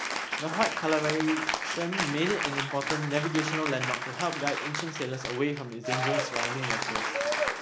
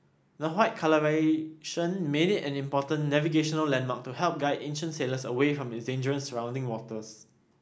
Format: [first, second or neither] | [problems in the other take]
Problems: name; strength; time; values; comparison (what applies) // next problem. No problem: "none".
second | background sound (Applause / Cheering); as loud as the speech